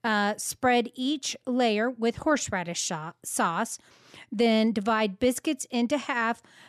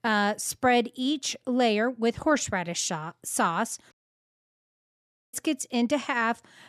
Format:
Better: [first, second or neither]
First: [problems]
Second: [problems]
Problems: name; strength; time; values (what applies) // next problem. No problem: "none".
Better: first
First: none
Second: audio cutting out; at 4 s for 1.5 s